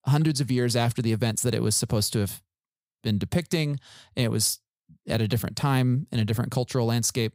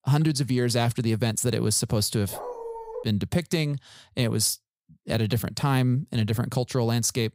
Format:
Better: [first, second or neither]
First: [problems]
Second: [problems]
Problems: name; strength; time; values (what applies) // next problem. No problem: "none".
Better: first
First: none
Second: dog barking; faint; at 2.5 s; peak 10 dB below the speech